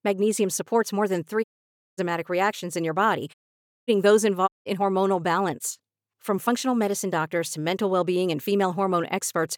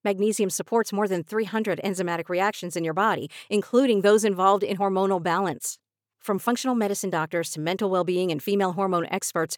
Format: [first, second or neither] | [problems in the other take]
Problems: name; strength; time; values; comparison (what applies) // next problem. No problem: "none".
second | audio cutting out; at 1.5 s for 0.5 s, at 3.5 s for 0.5 s and at 4.5 s